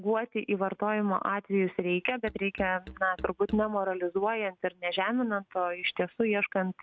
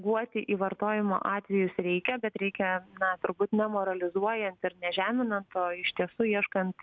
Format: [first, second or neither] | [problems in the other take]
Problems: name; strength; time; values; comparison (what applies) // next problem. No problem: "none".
second | noise reduction (neural mask model RNNoise)